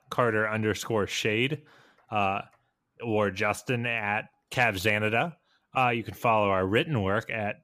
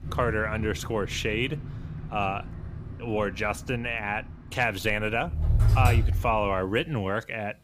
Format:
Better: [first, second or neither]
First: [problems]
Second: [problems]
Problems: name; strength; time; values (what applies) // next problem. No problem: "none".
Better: first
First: none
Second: traffic noise; loud; throughout; 2 dB below the speech